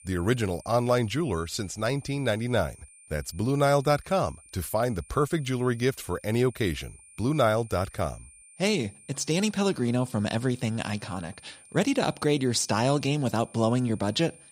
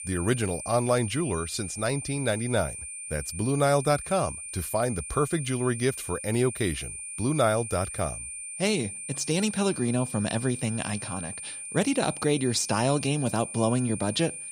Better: first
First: high-pitched whine; faint; throughout; 9 kHz, 25 dB below the speech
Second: high-pitched whine; loud; throughout; 9 kHz, 8 dB below the speech

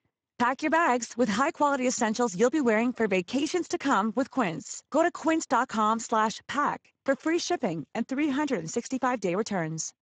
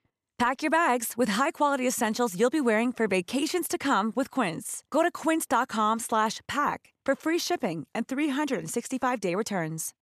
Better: second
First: garbled, watery; badly; nothing above 7.5 kHz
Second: none

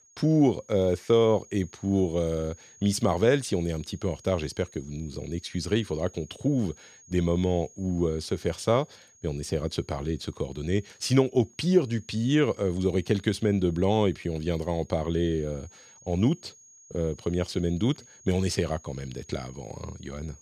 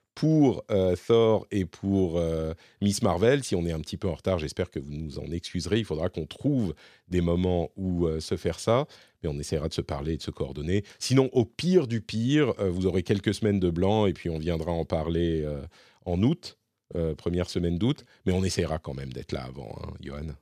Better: second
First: high-pitched whine; faint; throughout; 6.5 kHz, 25 dB below the speech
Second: none

